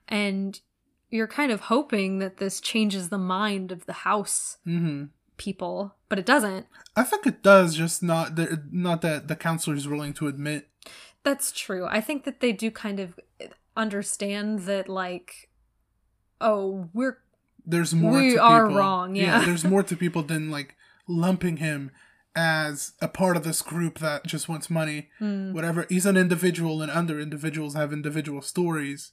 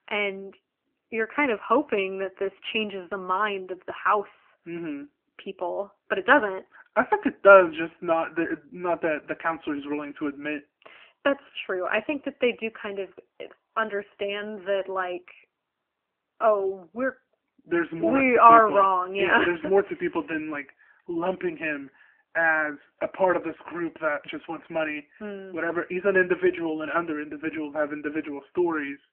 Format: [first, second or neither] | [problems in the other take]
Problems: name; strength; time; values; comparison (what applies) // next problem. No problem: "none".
first | phone-call audio; nothing above 3 kHz